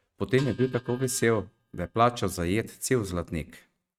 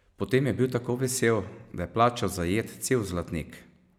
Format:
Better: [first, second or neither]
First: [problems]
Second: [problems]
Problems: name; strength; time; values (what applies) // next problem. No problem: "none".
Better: second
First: noise reduction (neural mask model RNNoise)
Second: none